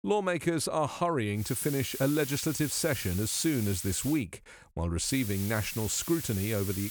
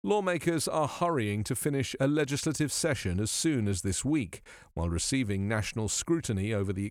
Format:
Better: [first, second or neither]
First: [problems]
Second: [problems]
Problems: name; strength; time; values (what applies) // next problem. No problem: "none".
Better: second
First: hiss; loud; from 1.5 to 4 s and from 5 s on; 8 dB below the speech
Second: none